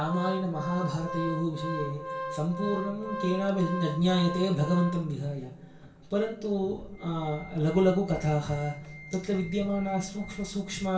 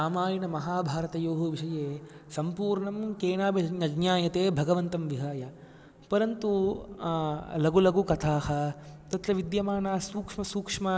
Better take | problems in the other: second | background sound (Organ); 10 dB below the speech // room echo; dies away in 0.3 s

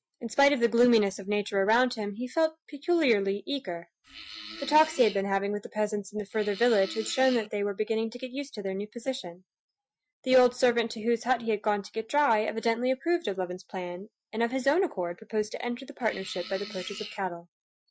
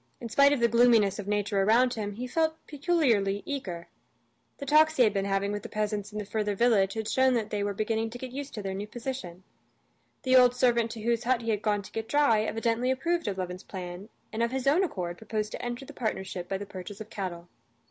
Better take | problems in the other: second | noise reduction (classical method Wiener filter)

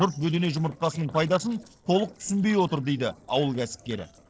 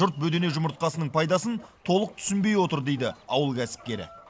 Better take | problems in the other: second | noise reduction (neural separator model SepFormer DNS4)

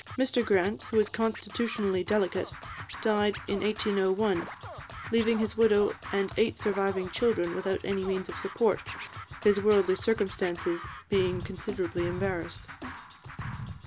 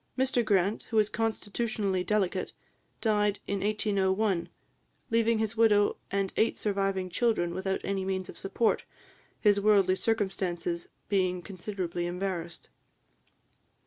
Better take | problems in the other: second | background sound (Scratching (performance technique)); 12 dB below the speech

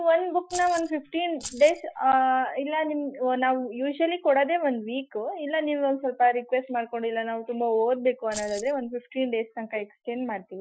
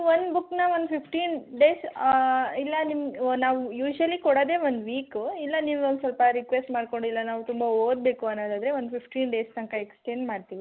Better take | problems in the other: second | noise reduction (classical method Wiener filter)

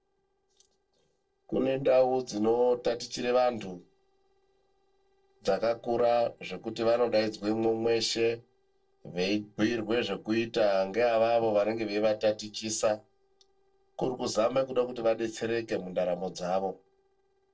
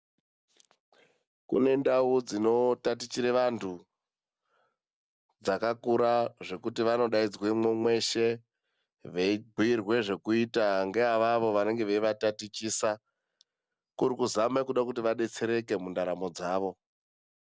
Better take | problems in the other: second | noise reduction (neural separator model SepFormer DNS4)

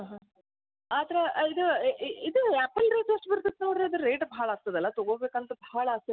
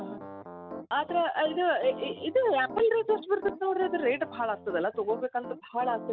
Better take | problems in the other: first | background sound (Piano); 13 dB below the speech

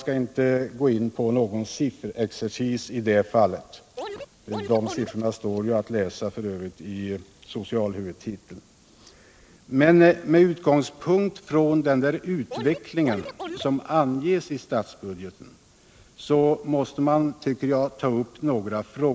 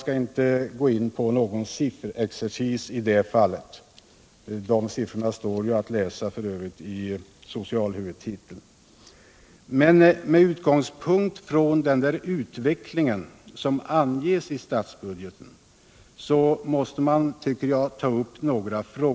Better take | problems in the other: second | background sound (Scratching (performance technique)); 11 dB below the speech

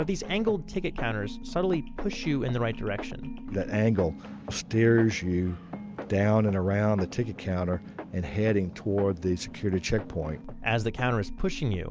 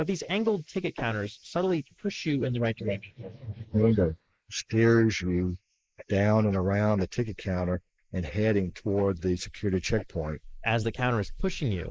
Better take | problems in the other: first | noise reduction (neural mask model Resemble Enhance denoiser)

